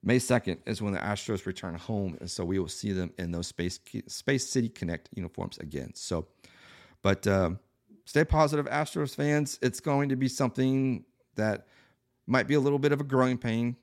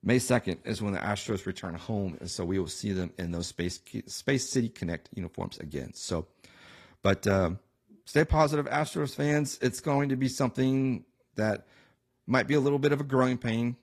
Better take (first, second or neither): first